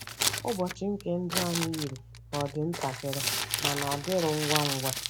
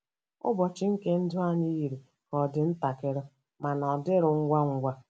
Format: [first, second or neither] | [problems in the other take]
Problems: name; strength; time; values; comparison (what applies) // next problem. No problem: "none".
second | background sound (Crumpling, crinkling); 2 dB below the speech